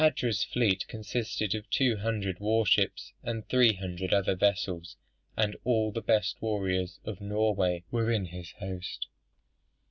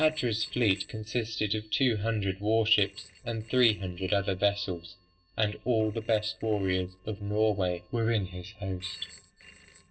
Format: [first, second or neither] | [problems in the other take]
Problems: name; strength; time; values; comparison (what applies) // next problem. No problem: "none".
first | noise reduction (neural separator model SepFormer DNS4)